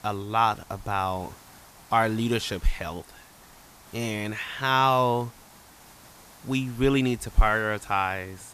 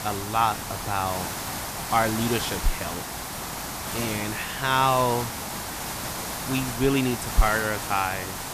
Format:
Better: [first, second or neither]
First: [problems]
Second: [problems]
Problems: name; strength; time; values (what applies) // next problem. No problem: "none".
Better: first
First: hiss; faint; throughout; 25 dB below the speech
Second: hiss; loud; throughout; 5 dB below the speech